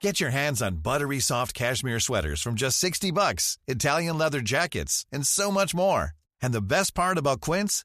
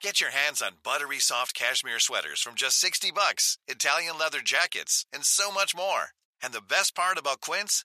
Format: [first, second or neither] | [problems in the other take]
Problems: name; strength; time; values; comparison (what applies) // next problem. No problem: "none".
first | thin; very; fading below 750 Hz